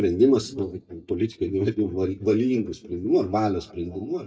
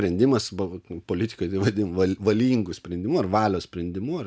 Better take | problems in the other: second | noise reduction (neural mask model DeepFilterNet 3)

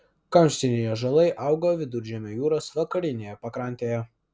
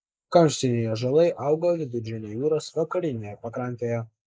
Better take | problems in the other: first | noise reduction (neural mask model Resemble Enhance denoiser)

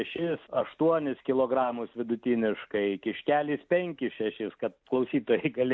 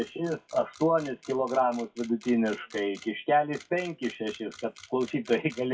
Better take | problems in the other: first | noise reduction (classical method WPE with log-MMSE)

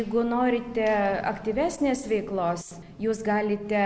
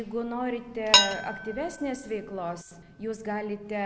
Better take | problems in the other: first | background sound (Dishes, pots, and pans); 3 dB above the speech

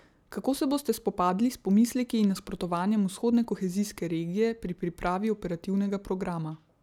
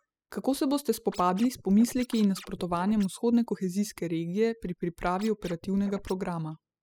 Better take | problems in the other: first | noise reduction (classical method spectral subtraction)

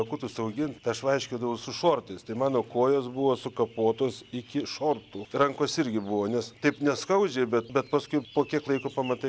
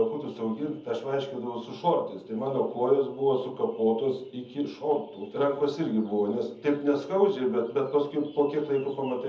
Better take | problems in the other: first | room echo; dies away in 0.6 s

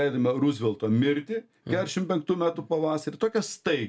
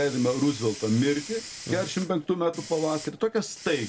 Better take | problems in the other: first | background sound (Hiss); 15 dB below the speech

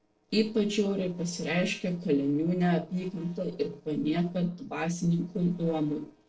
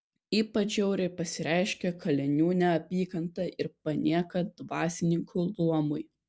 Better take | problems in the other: second | noise reduction (neural separator model SepFormer DNS4)

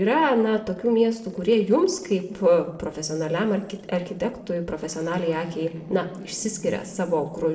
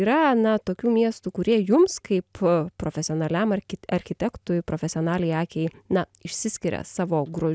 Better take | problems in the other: second | noise reduction (neural separator model SepFormer DNS4)

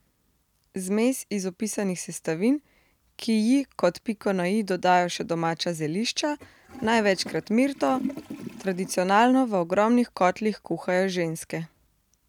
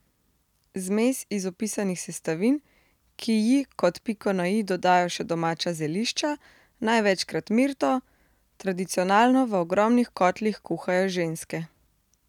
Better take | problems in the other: second | background sound (Toilet flush); 14 dB below the speech

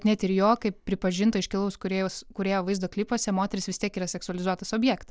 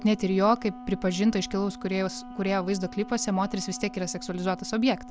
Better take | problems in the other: first | background sound (Wind instrument, woodwind instrument); 15 dB below the speech

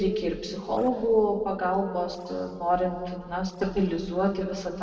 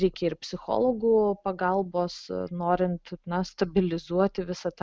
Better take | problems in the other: second | noise reduction (neural separator model SepFormer DNS4)

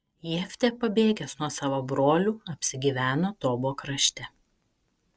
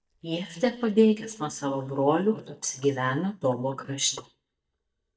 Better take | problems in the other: first | noise reduction (neural mask model DeepFilterNet 3)

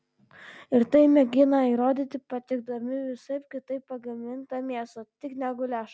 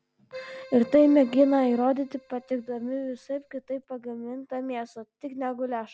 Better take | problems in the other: first | background sound (Keyboard (musical)); 20 dB below the speech

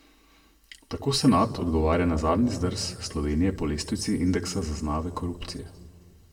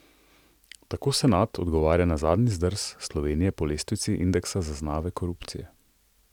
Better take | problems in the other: second | room echo; dies away in 1.2 s

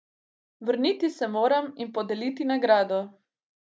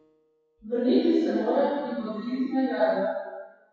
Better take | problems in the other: first | noise reduction (classical method WPE with log-MMSE)

